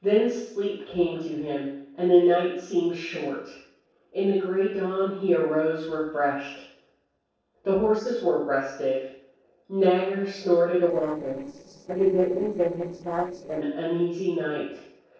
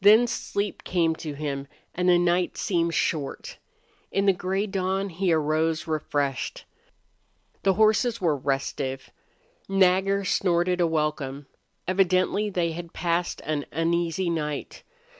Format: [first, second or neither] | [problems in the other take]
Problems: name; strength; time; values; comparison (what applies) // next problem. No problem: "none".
second | noise reduction (neural separator model SepFormer DNS4)